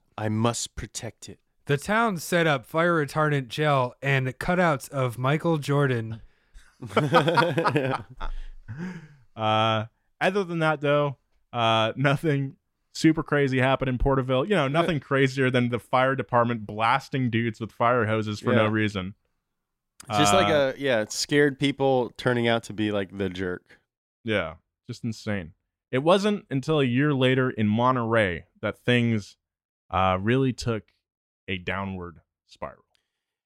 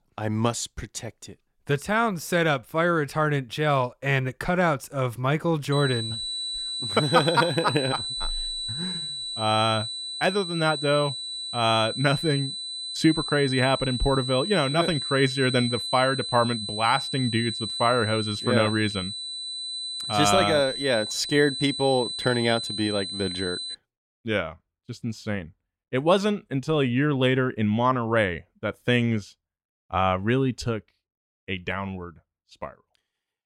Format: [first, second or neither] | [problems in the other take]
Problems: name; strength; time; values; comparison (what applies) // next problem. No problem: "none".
first | high-pitched whine; loud; from 5.5 to 24 s; 4 kHz, 5 dB below the speech